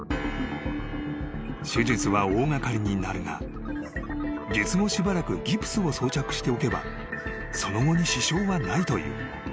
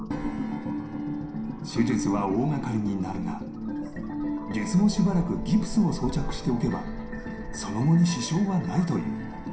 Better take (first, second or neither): first